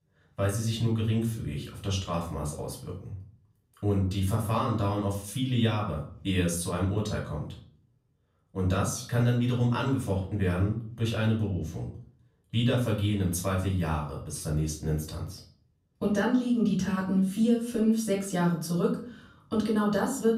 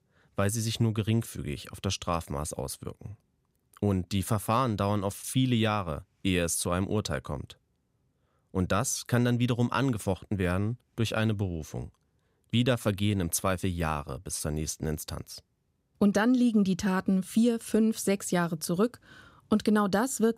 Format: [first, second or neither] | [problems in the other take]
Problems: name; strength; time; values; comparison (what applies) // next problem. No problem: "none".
second | off-mic speech; far // room echo; slight; dies away in 0.4 s